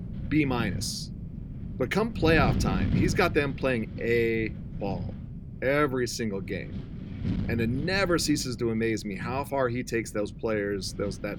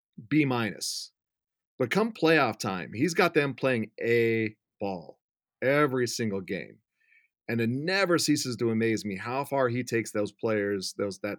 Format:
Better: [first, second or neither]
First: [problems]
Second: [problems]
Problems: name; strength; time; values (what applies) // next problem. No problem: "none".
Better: second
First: wind noise on the microphone; occasional gusts; 15 dB below the speech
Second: none